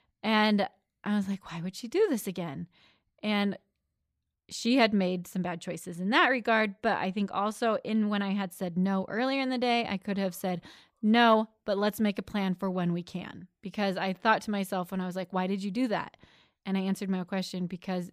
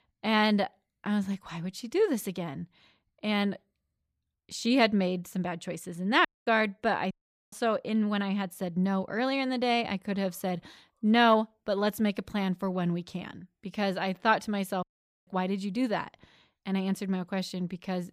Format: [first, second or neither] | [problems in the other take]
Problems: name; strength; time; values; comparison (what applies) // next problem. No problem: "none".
first | audio cutting out; at 6.5 s, at 7 s and at 15 s